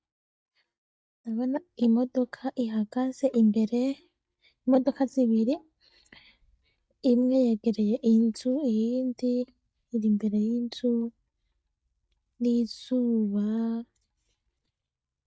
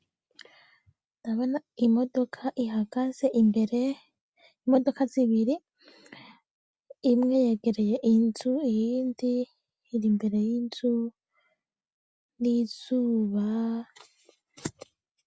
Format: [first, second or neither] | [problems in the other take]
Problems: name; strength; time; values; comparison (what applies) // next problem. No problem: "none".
second | noise reduction (neural mask model DeepFilterNet 3)